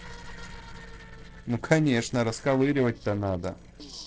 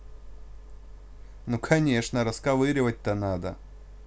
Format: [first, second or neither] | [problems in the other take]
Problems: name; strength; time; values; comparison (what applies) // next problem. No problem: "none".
second | noise reduction (neural separator model SepFormer DNS4)